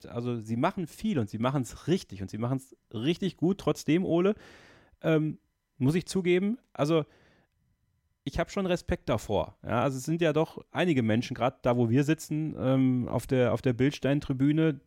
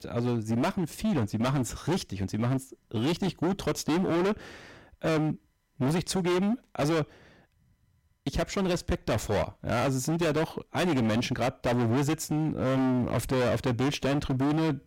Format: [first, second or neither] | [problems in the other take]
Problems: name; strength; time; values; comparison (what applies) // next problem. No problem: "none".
first | distortion; heavy; 25% of the sound clipped